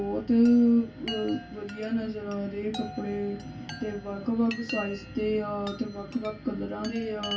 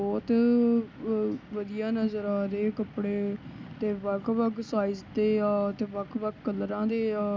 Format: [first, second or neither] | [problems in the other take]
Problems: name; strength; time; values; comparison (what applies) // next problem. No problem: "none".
second | background sound (Chime); 15 dB below the speech // room echo; dies away in 0.2 s